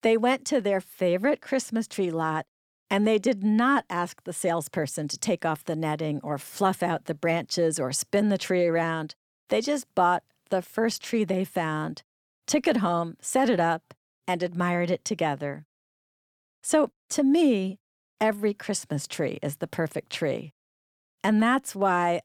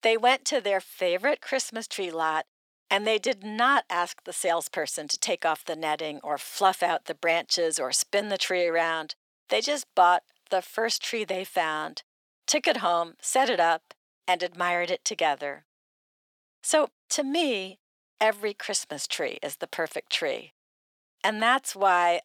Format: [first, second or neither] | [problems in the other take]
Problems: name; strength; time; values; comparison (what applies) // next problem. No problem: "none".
first | thin; somewhat; fading below 500 Hz